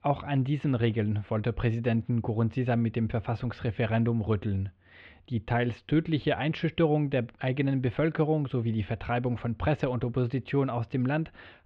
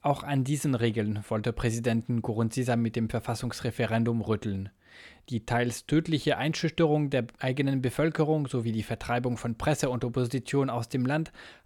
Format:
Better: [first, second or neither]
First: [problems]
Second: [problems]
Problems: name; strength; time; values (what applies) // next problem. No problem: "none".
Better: second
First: muffled; very; fading above 3 kHz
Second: none